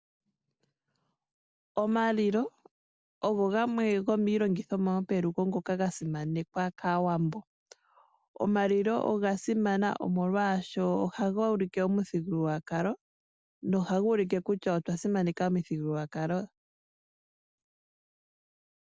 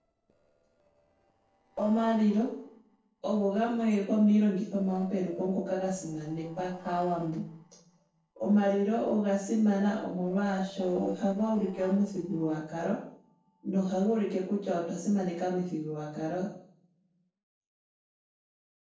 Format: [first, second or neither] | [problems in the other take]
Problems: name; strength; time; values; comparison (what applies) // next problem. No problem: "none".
first | noise reduction (neural separator model SepFormer DNS4)